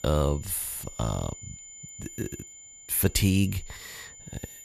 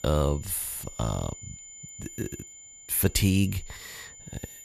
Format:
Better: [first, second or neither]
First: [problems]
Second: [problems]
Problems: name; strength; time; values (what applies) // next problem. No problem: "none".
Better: neither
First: high-pitched whine; noticeable; throughout; 7 kHz, 15 dB below the speech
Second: high-pitched whine; noticeable; throughout; 7 kHz, 15 dB below the speech